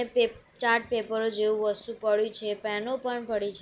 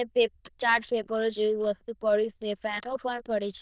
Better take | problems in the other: first | noise reduction (neural diffusion model UNIVERSE++)

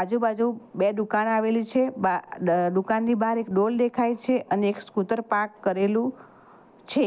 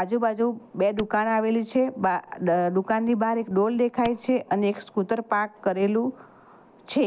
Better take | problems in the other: first | background sound (Clapping); 16 dB below the speech

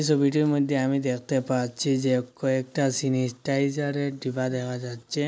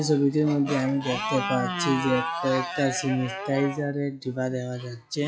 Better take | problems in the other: first | noise reduction (classical method log-MMSE)

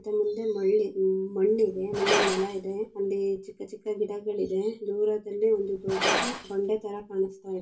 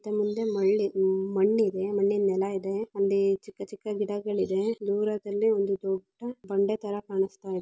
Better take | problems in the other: second | background sound (Glass); 7 dB below the speech // room echo; dies away in 0.2 s

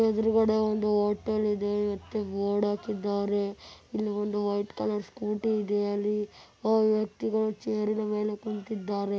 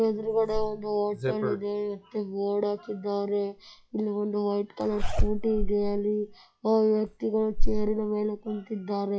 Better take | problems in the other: first | noise reduction (classical method log-MMSE)

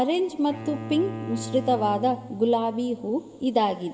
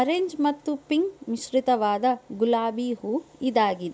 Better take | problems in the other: second | background sound (Bowed string instrument); 12 dB below the speech // room echo; dies away in 1.5 s

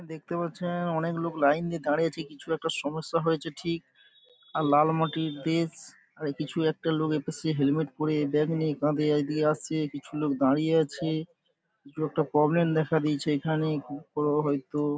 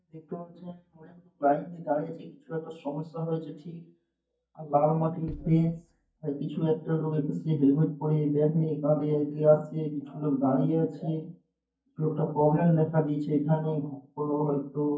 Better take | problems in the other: first | noise reduction (neural mask model DeepFilterNet 3)

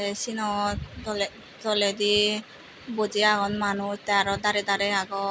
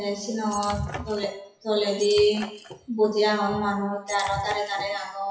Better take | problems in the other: first | noise reduction (classical method WPE with log-MMSE)

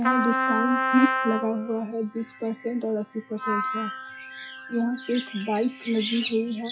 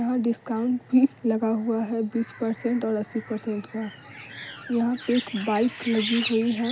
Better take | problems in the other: second | noise reduction (classical method log-MMSE)

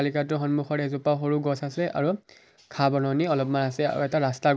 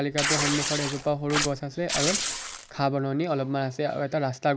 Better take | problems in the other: first | background sound (Tearing); 2 dB below the speech

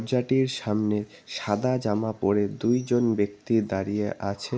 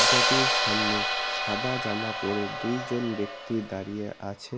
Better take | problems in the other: first | background sound (Hi-hat); 4 dB above the speech

